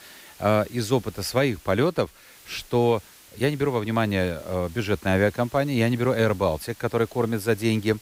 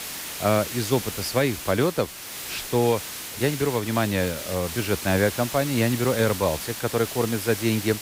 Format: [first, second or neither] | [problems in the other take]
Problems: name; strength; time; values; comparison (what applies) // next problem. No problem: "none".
first | hiss; loud; throughout; 7 dB below the speech; faint in the first